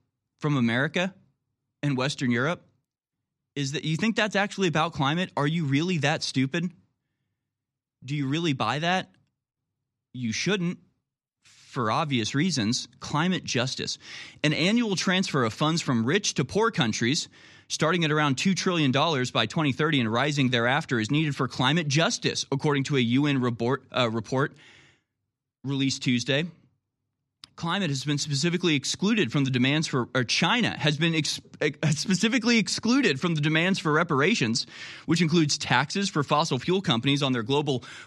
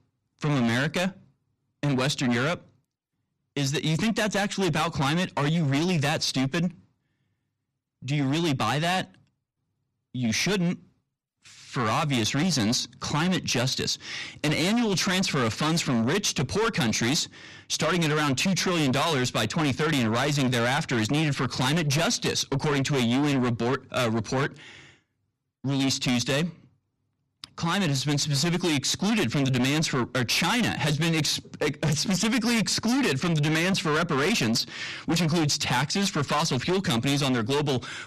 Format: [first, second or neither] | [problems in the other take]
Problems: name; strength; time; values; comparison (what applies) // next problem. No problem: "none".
first | distortion; heavy; 6 dB below the speech